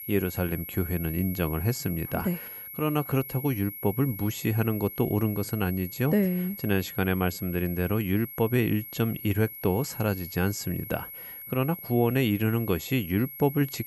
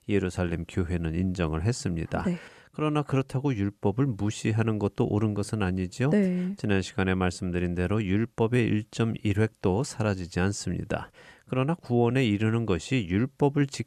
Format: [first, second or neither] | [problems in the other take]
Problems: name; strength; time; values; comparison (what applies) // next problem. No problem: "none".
second | high-pitched whine; noticeable; throughout; 11.5 kHz, 10 dB below the speech